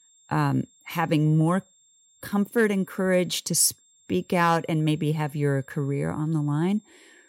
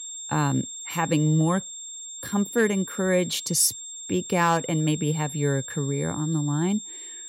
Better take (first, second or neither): first